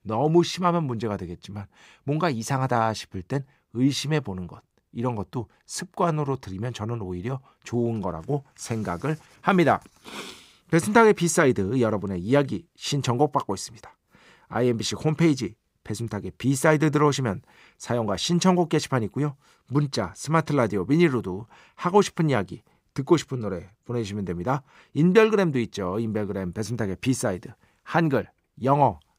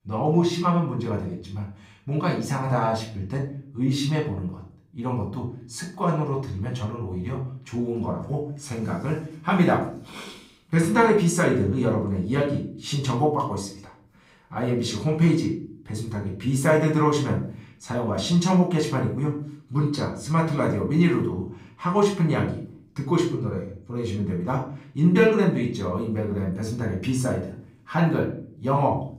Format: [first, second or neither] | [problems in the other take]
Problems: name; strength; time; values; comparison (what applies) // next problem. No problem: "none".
first | room echo; slight; dies away in 0.5 s // off-mic speech; far